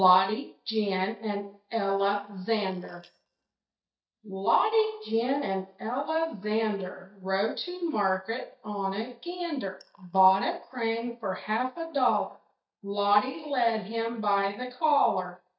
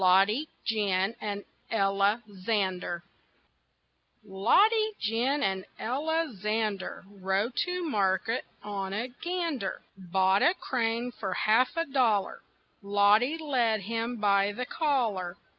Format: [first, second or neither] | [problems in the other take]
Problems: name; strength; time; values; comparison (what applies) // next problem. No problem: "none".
second | noise reduction (neural mask model DeepFilterNet 3)